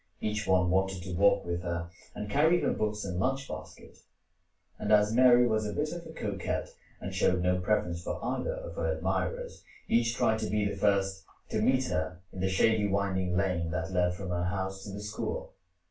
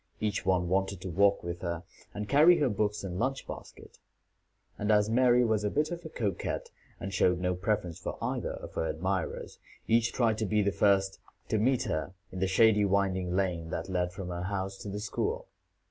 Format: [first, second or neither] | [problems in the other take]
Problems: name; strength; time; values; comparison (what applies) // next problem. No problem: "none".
second | room echo; dies away in 0.2 s